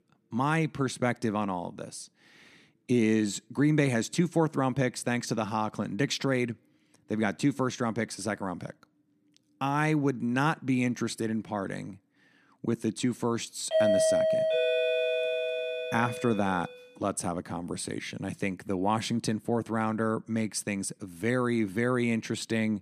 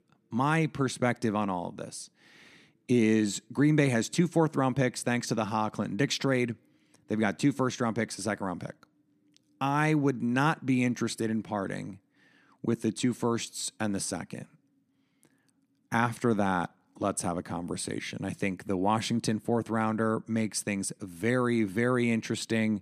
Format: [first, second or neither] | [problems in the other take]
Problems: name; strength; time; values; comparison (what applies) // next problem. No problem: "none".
second | doorbell; loud; from 14 to 16 s; peak 6 dB above the speech